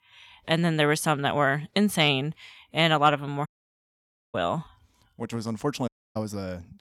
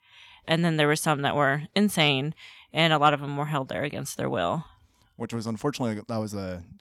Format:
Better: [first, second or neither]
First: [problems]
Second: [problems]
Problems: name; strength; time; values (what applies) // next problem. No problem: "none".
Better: second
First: audio cutting out; at 3.5 s for 1 s and at 6 s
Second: none